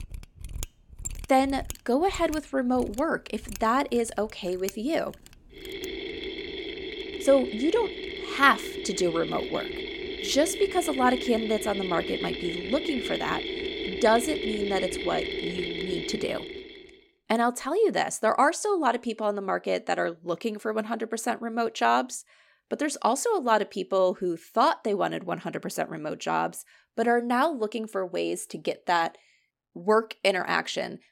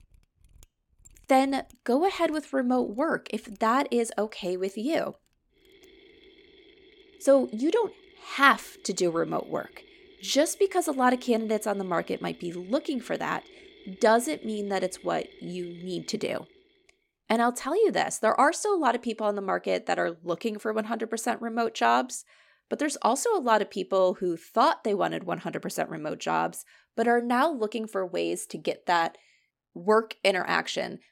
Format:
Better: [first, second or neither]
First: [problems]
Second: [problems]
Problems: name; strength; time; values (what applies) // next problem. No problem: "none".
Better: second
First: machinery noise; loud; until 16 s; 7 dB below the speech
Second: machinery noise; faint; until 16 s; 25 dB below the speech